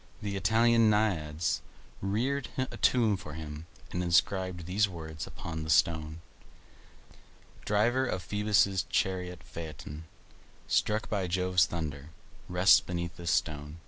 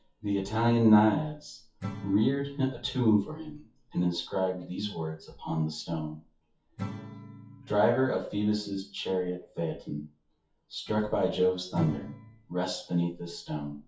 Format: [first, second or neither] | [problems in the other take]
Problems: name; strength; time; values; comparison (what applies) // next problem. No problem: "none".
first | noise reduction (classical method WPE with log-MMSE)